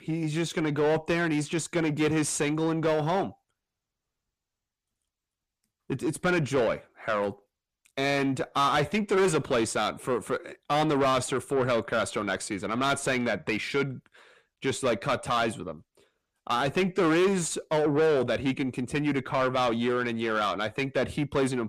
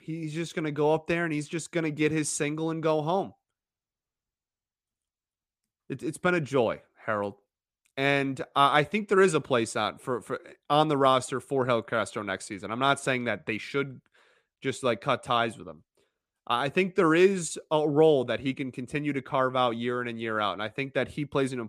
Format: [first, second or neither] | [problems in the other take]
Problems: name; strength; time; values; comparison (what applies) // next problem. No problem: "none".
second | distortion; heavy; 6 dB below the speech